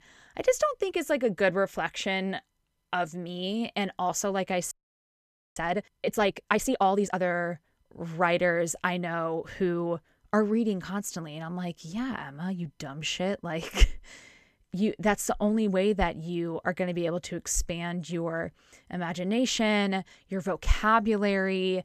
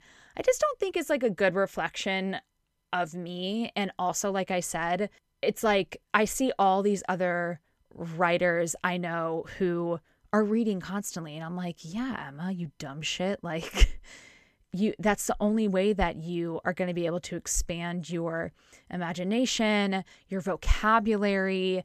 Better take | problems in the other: second | audio freezing; at 4.5 s for 1 s

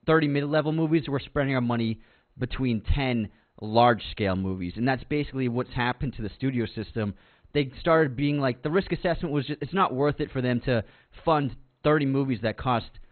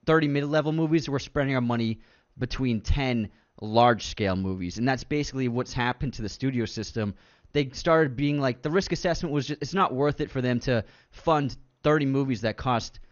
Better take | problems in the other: second | garbled, watery; badly; nothing above 4 kHz; slightly in the second

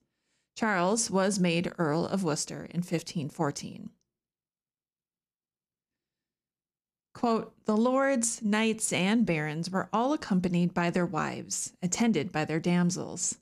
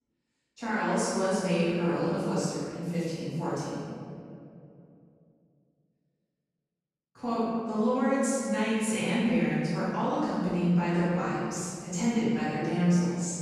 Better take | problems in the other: first | off-mic speech; far // room echo; strong; dies away in 2.2 s

